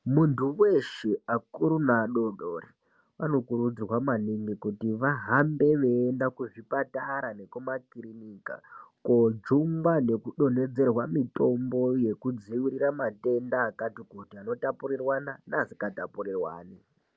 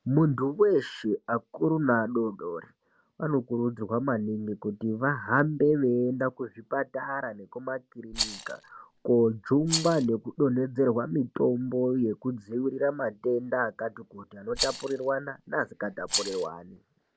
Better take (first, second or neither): first